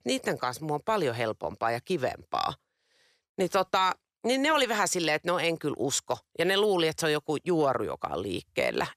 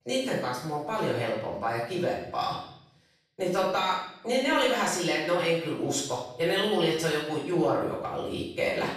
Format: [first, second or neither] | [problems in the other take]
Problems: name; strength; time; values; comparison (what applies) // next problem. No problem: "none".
first | off-mic speech; far // room echo; noticeable; dies away in 0.7 s